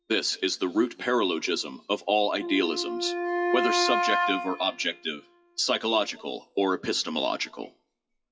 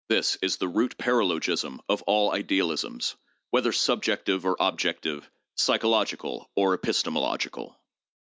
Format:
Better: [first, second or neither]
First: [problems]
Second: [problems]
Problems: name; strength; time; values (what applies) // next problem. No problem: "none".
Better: second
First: noise reduction (classical method WPE with log-MMSE)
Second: none